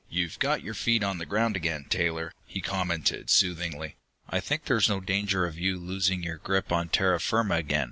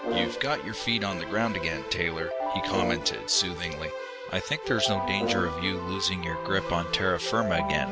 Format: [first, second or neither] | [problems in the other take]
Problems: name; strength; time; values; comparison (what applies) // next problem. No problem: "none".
first | background sound (Keyboard (musical) + Brass instrument); 3 dB below the speech